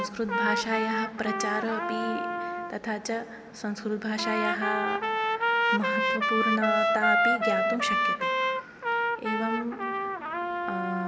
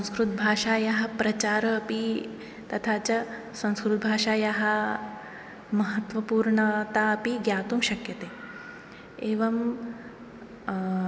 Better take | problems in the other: second | background sound (Trumpet); 4 dB above the speech

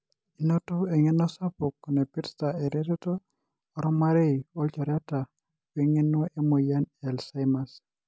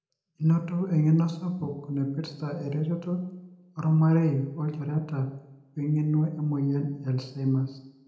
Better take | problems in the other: first | room echo; dies away in 0.7 s

